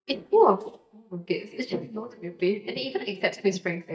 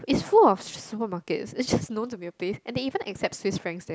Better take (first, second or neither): second